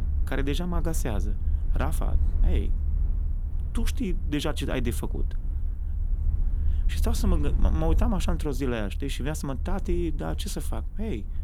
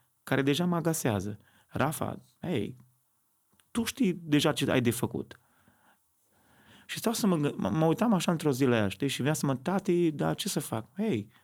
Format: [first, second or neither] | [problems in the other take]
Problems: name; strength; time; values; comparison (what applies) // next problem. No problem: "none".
second | low rumble; noticeable; throughout; 15 dB below the speech